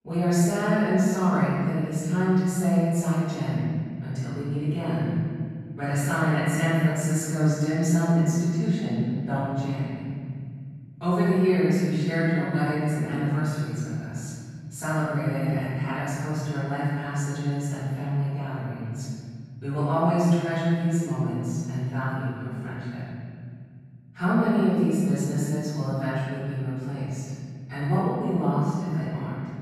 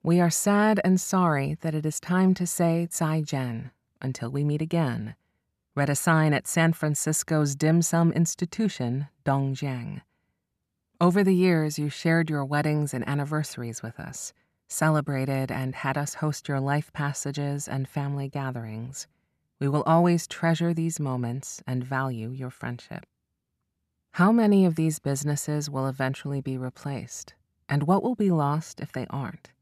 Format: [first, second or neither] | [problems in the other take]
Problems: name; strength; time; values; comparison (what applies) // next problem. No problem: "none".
second | off-mic speech; far // room echo; strong; dies away in 2.7 s